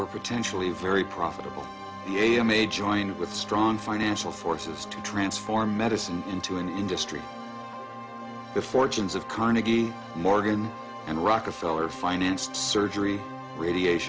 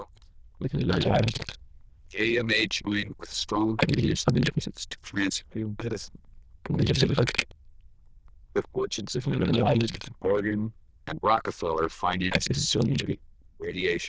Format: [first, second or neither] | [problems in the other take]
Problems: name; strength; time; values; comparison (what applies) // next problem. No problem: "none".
first | noise reduction (neural diffusion model UNIVERSE++)